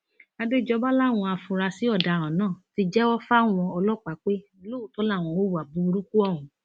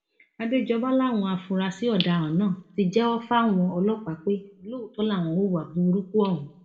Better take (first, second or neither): first